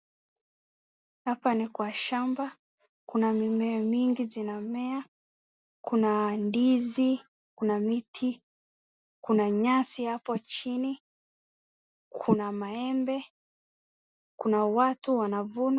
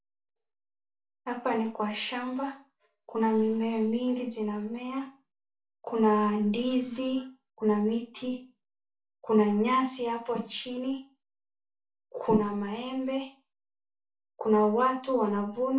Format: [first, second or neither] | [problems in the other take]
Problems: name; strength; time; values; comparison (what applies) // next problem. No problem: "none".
first | room echo; dies away in 0.3 s